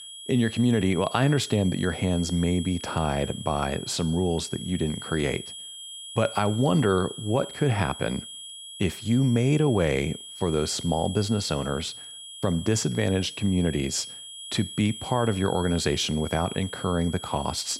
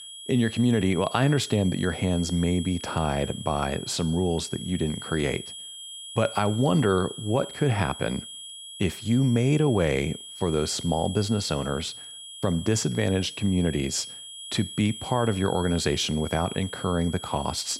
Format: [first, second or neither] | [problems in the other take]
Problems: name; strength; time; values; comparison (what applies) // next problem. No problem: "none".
neither | high-pitched whine; noticeable; throughout; 3.5 kHz, 10 dB below the speech; the same in both